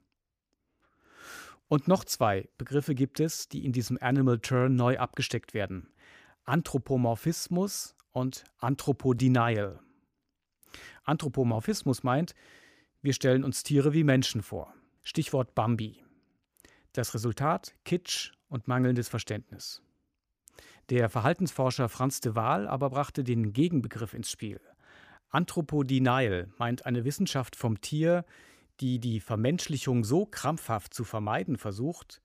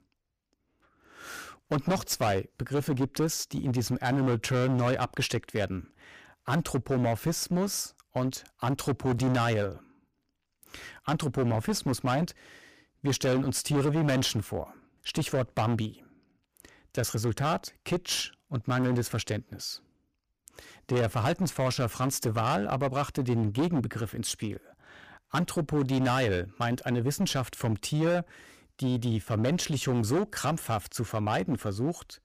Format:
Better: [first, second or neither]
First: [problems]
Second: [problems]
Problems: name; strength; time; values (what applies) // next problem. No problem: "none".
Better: first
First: none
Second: distortion; heavy; 13% of the sound clipped